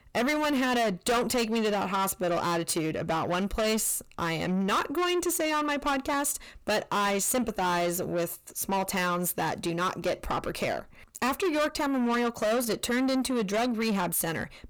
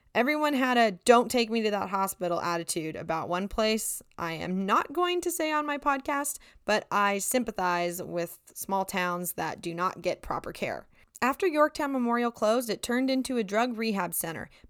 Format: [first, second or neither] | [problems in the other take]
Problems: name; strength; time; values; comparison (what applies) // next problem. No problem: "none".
second | distortion; heavy; 6 dB below the speech